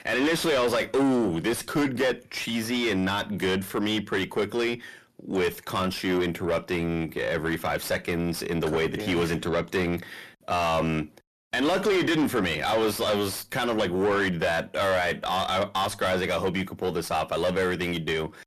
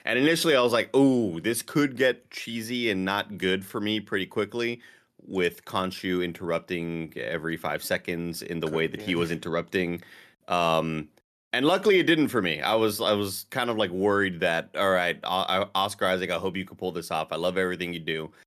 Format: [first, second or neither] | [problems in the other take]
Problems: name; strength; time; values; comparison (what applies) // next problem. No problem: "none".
second | distortion; heavy; 6 dB below the speech